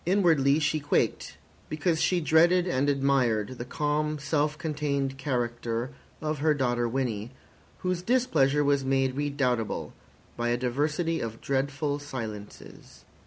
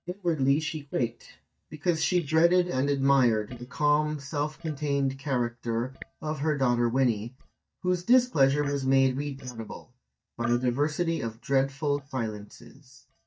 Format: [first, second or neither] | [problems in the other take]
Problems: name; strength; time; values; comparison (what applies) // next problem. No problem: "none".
first | noise reduction (neural mask model DeepFilterNet 3)